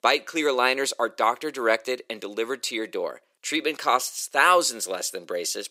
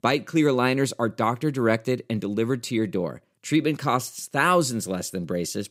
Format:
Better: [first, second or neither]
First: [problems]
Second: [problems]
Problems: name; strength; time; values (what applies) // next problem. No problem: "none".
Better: second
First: thin; very; fading below 450 Hz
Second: none